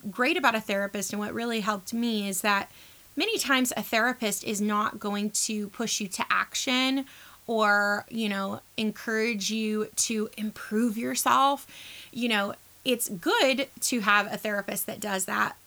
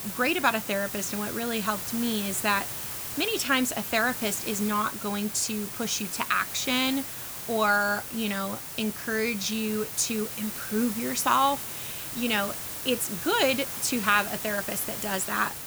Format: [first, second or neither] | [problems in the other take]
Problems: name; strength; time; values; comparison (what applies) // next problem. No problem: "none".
first | hiss; loud; throughout; 6 dB below the speech; faint in the first